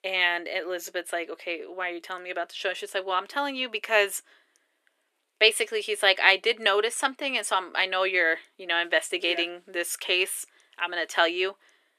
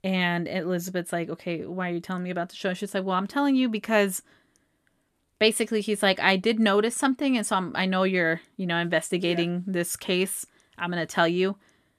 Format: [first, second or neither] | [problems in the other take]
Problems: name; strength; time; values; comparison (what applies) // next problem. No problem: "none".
second | thin; very; fading below 350 Hz